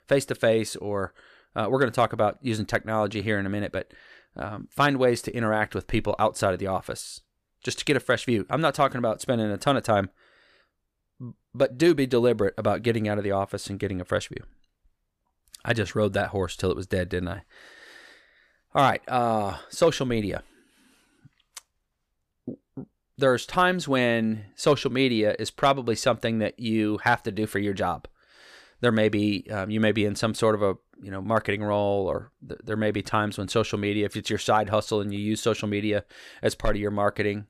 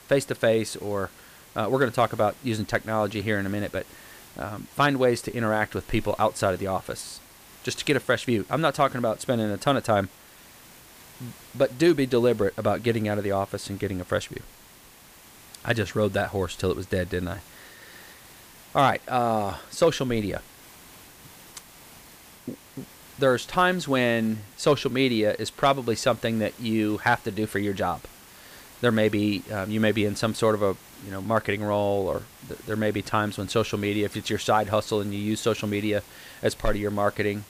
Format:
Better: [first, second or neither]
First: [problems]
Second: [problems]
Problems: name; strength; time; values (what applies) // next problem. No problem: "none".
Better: first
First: none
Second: hiss; faint; throughout; 20 dB below the speech